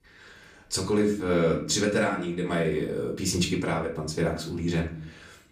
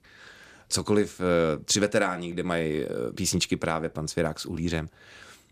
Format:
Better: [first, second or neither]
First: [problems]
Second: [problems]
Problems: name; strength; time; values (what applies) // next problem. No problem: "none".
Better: second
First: off-mic speech; far // room echo; slight; dies away in 0.5 s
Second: none